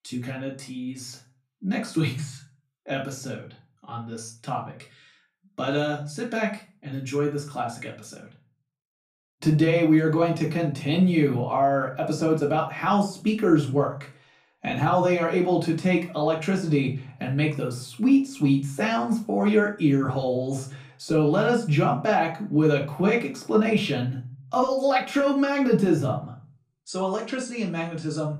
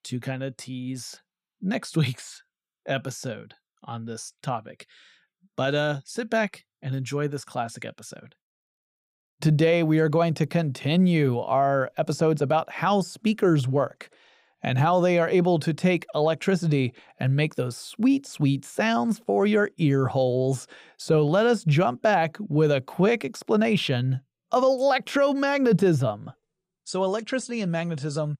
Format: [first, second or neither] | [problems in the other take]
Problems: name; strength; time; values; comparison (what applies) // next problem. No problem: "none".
second | off-mic speech; far // room echo; slight; dies away in 0.3 s